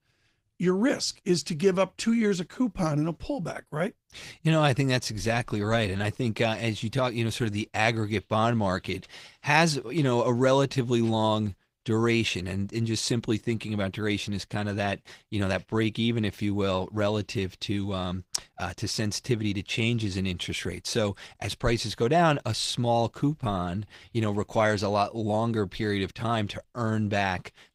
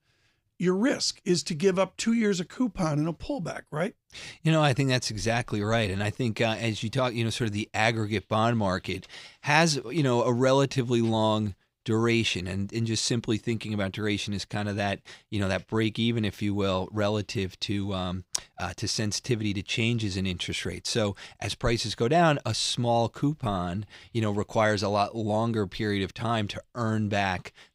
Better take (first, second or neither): second